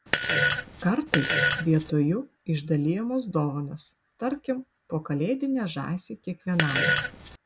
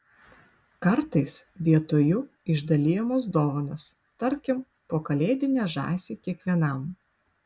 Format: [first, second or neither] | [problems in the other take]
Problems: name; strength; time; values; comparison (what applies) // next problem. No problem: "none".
second | background sound (Fart); 2 dB above the speech